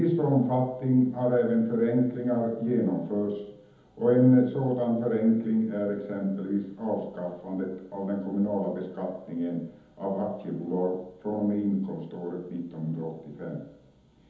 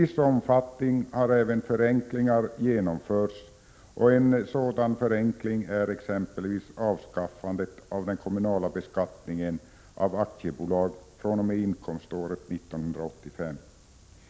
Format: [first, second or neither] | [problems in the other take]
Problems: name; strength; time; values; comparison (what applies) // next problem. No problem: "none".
second | room echo; dies away in 1.3 s